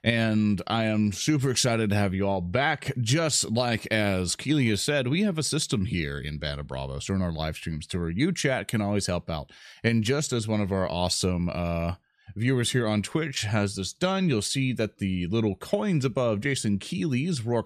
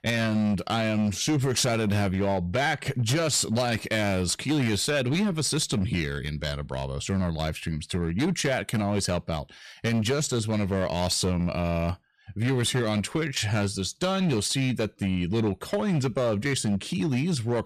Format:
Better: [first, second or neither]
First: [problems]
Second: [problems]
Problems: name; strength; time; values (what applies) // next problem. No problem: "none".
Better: first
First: none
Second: distortion; slight; 12% of the sound clipped